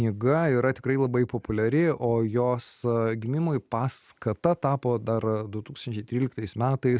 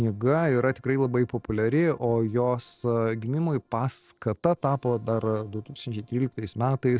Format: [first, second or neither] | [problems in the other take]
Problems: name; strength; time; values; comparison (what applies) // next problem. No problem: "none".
first | noise reduction (neural separator model SepFormer DNS4)